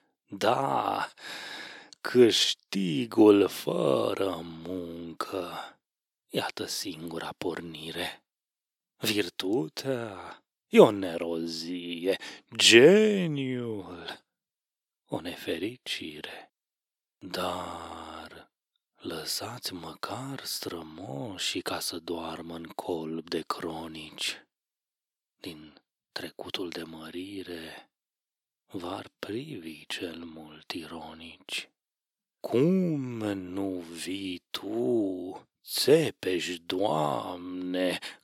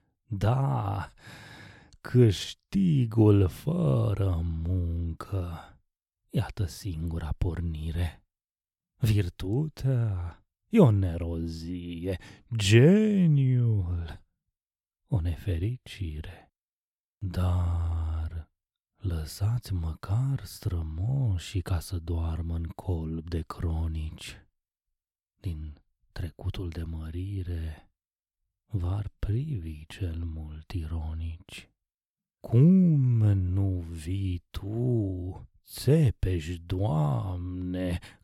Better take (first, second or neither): second